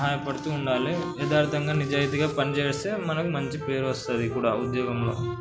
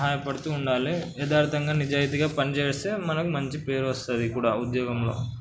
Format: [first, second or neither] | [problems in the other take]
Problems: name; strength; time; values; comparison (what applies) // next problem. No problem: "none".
second | background sound (Wind instrument, woodwind instrument + Wind instrument, woodwind instrument); 8 dB below the speech